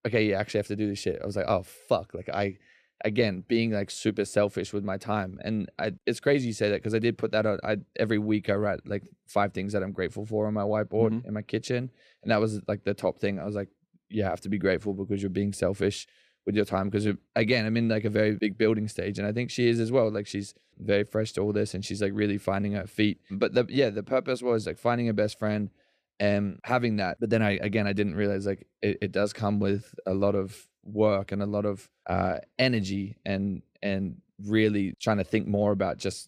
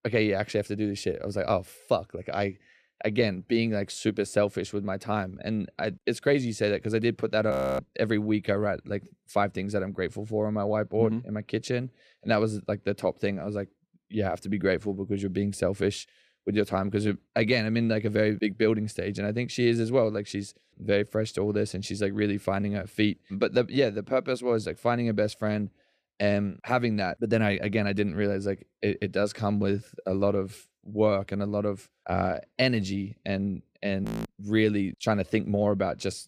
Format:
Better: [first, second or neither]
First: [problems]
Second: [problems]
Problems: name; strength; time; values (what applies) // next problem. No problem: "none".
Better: first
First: none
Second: audio freezing; at 7.5 s and at 34 s